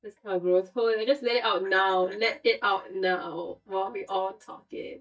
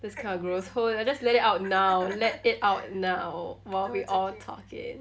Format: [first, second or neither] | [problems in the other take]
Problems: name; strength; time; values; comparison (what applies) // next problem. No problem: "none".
second | noise reduction (neural mask model DeepFilterNet 3)